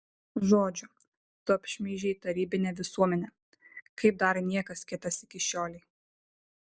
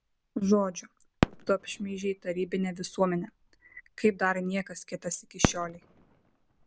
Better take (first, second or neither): first